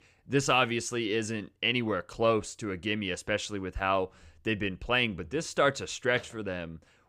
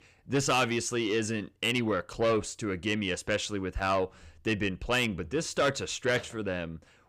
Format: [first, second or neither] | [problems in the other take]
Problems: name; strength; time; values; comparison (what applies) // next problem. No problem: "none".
first | distortion; slight; 10 dB below the speech